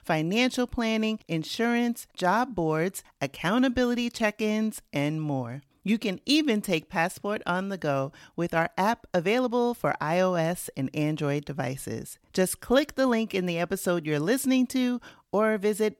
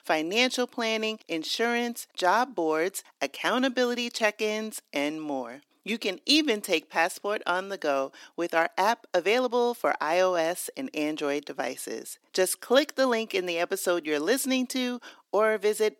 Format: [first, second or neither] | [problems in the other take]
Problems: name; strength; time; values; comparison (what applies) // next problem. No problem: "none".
first | thin; very slightly; fading below 300 Hz